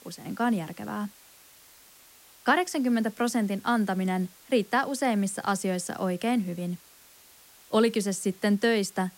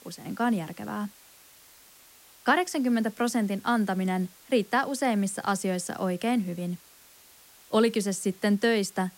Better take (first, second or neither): neither